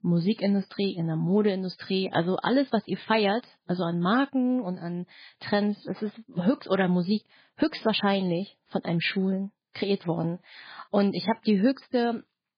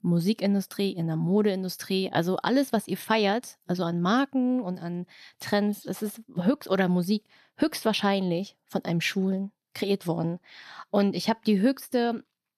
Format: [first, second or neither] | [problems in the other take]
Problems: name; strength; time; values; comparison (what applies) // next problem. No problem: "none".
second | garbled, watery; badly; nothing above 4.5 kHz